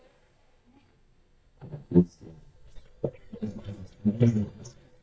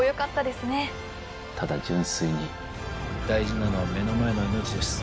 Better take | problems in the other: second | noise reduction (neural mask model DeepFilterNet 3)

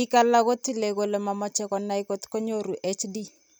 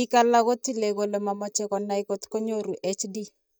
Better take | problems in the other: first | noise reduction (neural mask model DeepFilterNet 3)

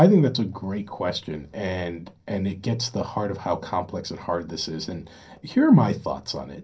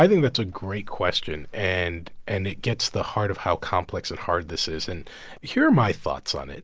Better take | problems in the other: second | room echo; dies away in 0.3 s

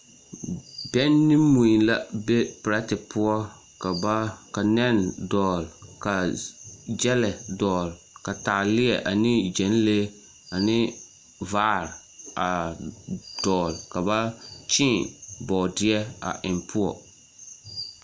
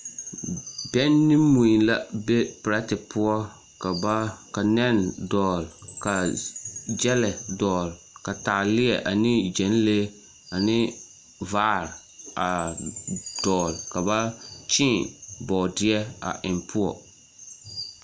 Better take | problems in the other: first | background sound (Chime); 19 dB below the speech

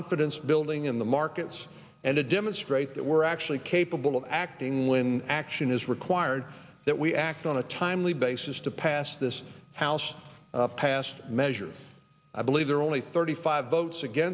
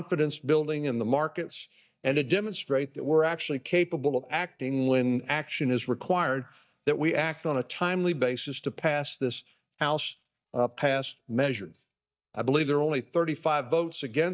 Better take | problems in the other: first | noise reduction (neural mask model DeepFilterNet 3)

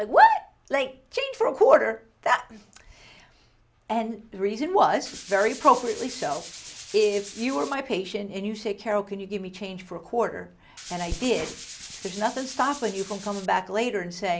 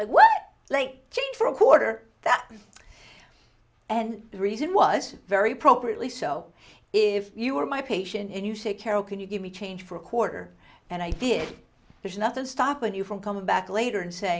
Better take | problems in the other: second | background sound (Tools); 15 dB below the speech

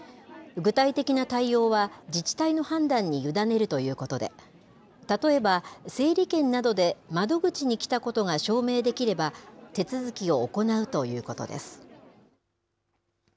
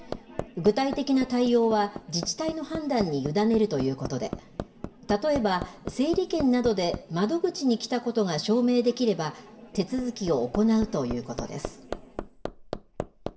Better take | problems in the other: first | background sound (Hammer); 13 dB below the speech // room echo; dies away in 0.7 s

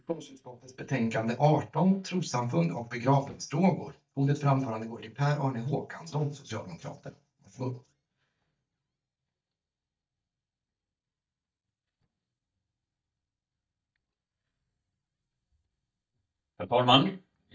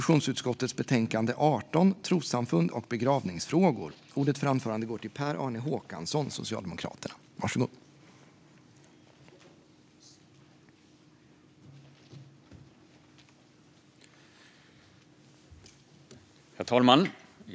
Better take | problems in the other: second | noise reduction (neural mask model DeepFilterNet 3)

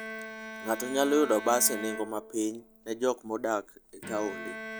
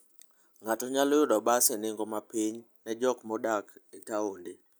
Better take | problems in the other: second | background sound (Bowed string instrument); 11 dB below the speech

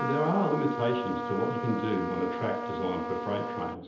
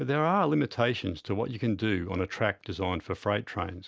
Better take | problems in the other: second | background sound (Trumpet); 4 dB below the speech // room echo; dies away in 0.8 s

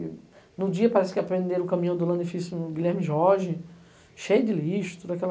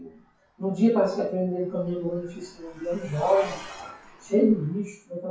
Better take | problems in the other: first | noise reduction (classical method WPE with log-MMSE)

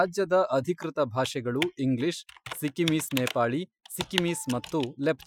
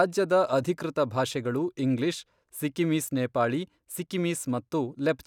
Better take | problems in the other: second | noise reduction (classical method Wiener filter)

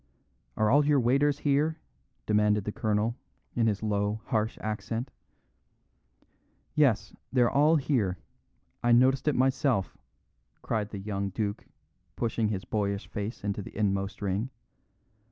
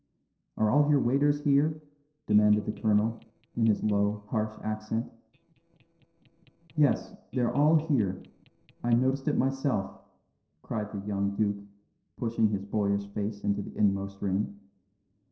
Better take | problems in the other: first | noise reduction (neural separator model SepFormer DNS4)

